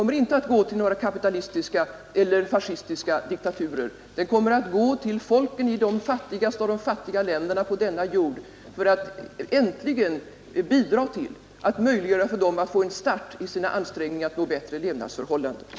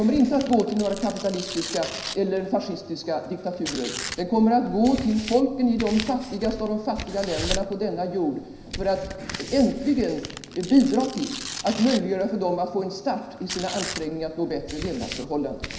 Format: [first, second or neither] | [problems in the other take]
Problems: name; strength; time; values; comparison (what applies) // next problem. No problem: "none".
first | background sound (Tearing); 12 dB below the speech // room echo; dies away in 0.9 s